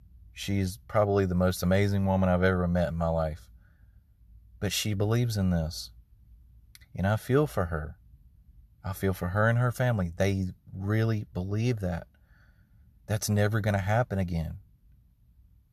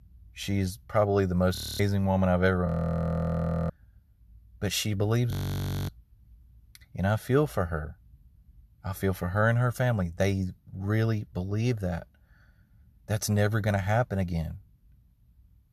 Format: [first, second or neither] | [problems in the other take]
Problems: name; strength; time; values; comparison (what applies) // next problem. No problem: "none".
first | audio freezing; at 1.5 s, at 2.5 s for 1 s and at 5.5 s for 0.5 s